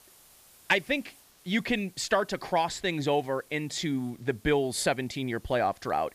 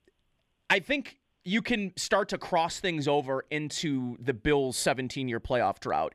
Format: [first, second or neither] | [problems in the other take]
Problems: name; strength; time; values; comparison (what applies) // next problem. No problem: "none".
second | hiss; faint; throughout; 25 dB below the speech